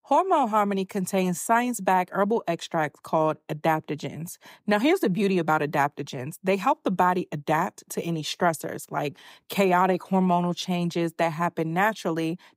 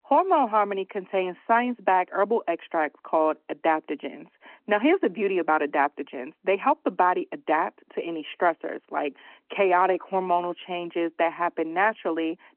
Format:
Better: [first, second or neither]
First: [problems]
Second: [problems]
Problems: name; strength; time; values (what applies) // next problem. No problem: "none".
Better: first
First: none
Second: phone-call audio